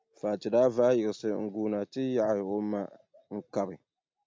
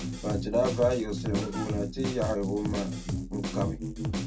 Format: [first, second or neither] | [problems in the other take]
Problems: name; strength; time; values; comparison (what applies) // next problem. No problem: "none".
first | background sound (Drum kit); 2 dB below the speech // room echo; dies away in 0.1 s